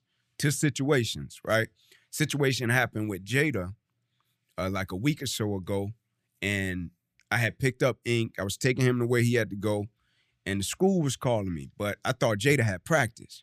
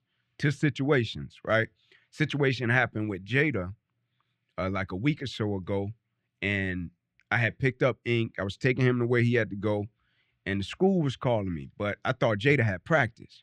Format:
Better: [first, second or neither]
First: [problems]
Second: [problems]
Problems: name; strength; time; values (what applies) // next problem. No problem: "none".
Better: first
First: none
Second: muffled; slightly; fading above 2.5 kHz